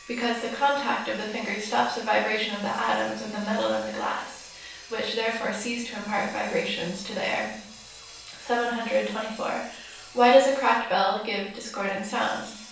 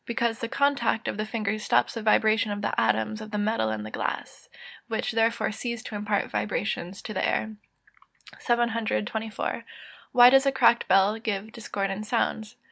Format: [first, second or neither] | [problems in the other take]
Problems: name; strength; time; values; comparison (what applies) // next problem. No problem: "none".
second | background sound (Sawing); 20 dB below the speech // room echo; dies away in 0.7 s